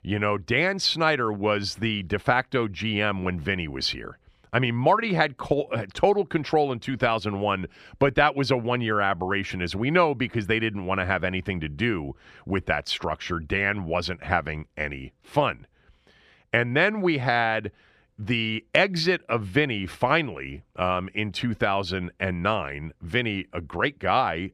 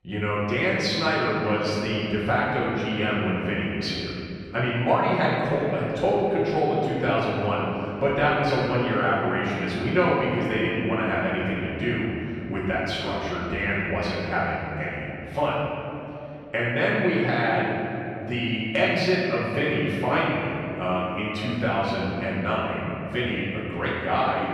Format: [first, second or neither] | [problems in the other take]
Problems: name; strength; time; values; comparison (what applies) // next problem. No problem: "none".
first | off-mic speech; far // room echo; strong; dies away in 3 s